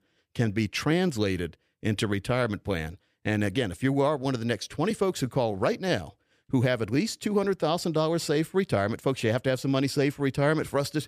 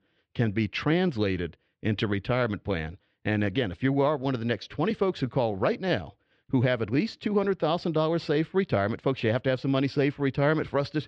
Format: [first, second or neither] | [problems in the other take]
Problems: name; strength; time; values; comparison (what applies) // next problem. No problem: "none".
first | muffled; very slightly; fading above 4 kHz